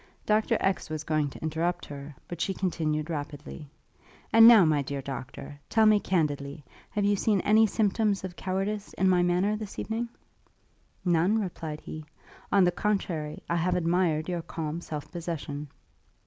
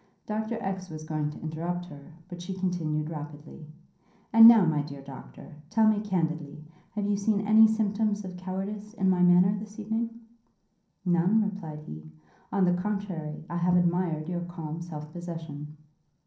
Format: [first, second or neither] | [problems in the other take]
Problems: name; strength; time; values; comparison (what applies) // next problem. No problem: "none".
first | room echo; dies away in 0.6 s